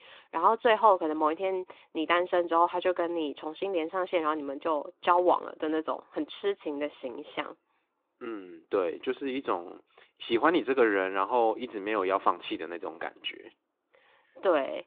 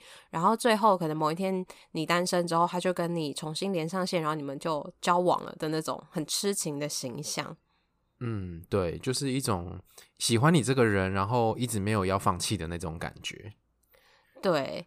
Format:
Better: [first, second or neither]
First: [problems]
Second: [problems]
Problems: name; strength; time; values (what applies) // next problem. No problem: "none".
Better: second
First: phone-call audio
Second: none